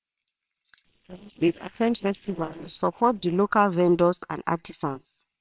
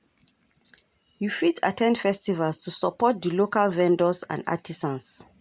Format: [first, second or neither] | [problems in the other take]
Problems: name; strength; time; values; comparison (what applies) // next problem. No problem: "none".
second | noise reduction (neural separator model SepFormer WHAMR!)